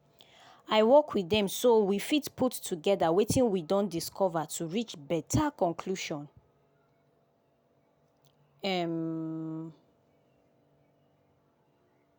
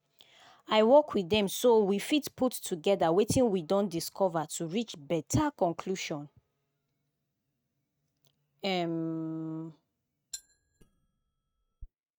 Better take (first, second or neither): first